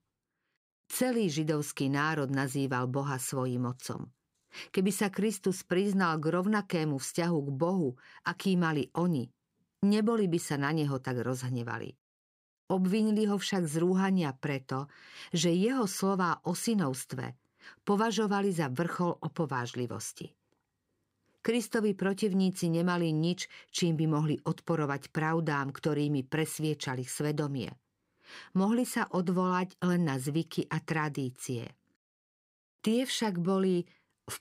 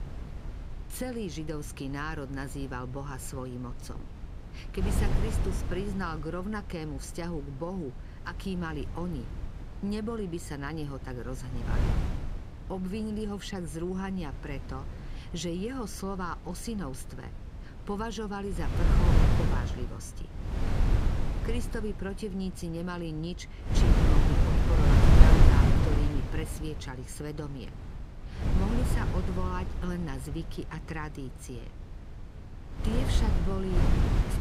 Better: first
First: none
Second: wind noise on the microphone; heavy; 2 dB above the speech

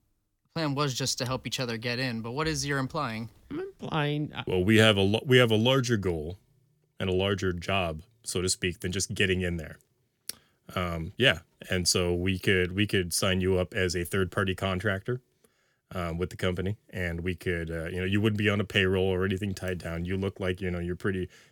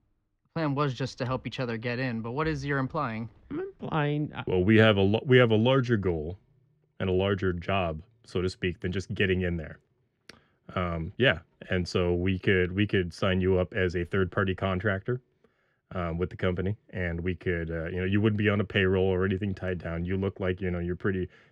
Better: first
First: none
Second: muffled; slightly; fading above 2 kHz

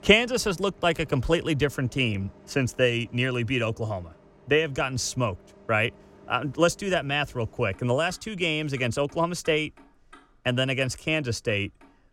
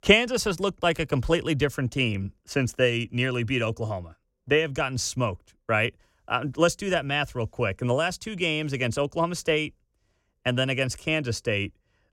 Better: second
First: traffic noise; faint; throughout; 25 dB below the speech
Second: none

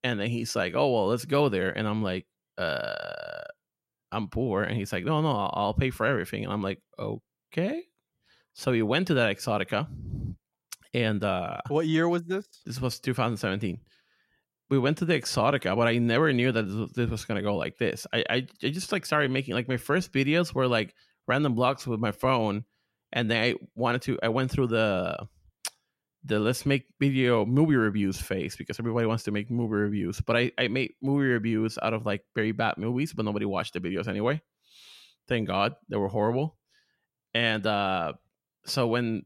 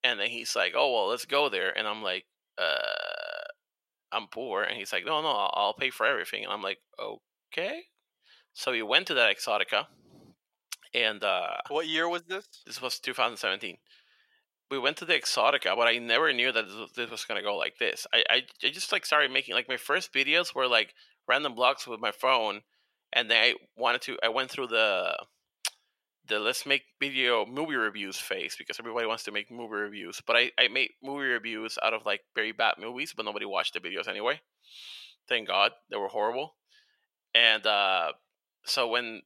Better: first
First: none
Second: thin; very; fading below 650 Hz

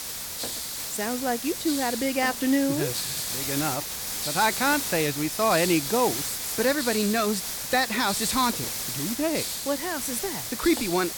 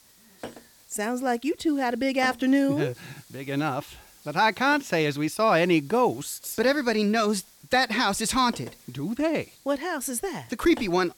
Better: second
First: hiss; loud; throughout; 3 dB below the speech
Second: hiss; faint; throughout; 25 dB below the speech

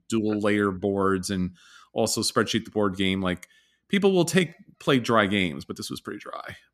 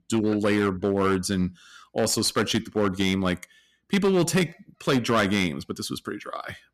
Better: first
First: none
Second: distortion; slight; 7% of the sound clipped

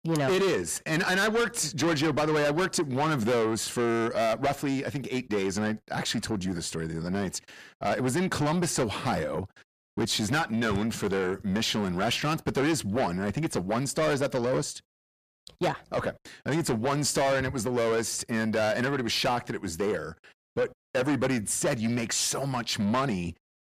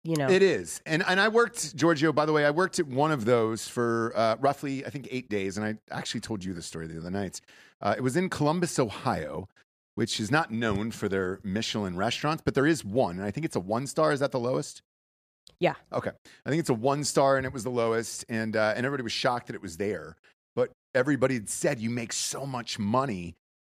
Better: second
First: distortion; heavy; 6 dB below the speech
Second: none

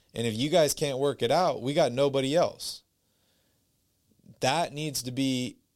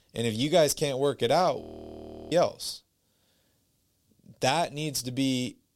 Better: first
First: none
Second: audio freezing; at 1.5 s for 0.5 s

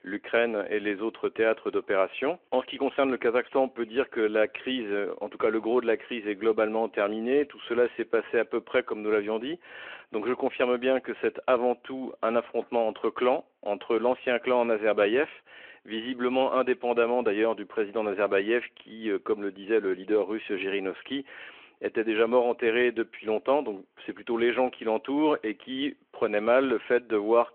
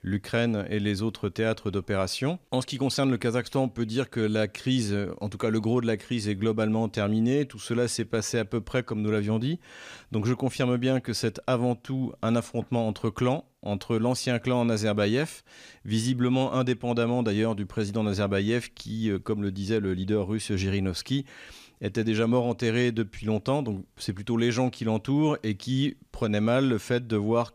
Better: second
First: phone-call audio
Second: none

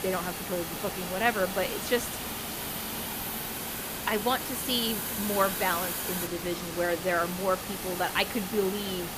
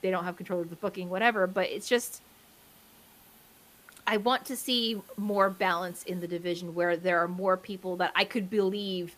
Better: second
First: hiss; loud; throughout; 3 dB below the speech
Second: hiss; faint; throughout; 25 dB below the speech

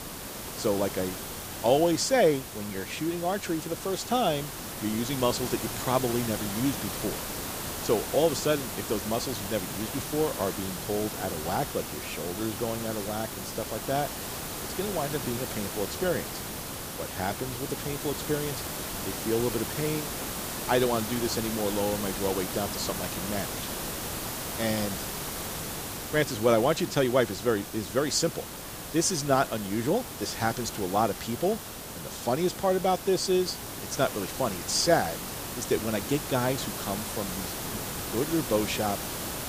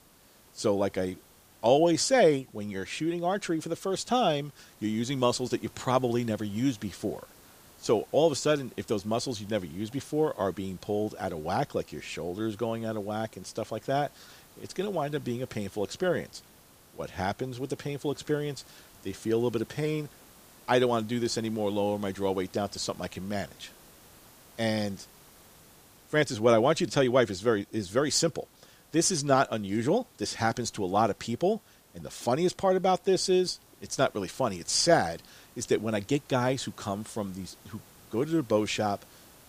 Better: second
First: hiss; loud; throughout; 5 dB below the speech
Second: hiss; faint; throughout; 25 dB below the speech

